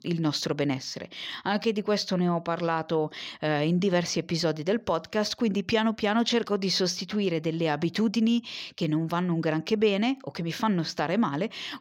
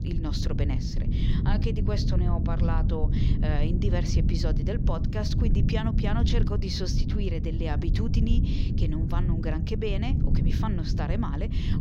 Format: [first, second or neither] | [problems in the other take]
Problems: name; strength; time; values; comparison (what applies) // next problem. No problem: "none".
first | low rumble; loud; throughout; 4 dB below the speech